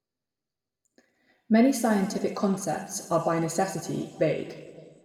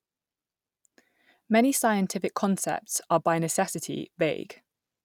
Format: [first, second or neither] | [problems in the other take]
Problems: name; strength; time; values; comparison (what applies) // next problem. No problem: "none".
second | room echo; dies away in 1.7 s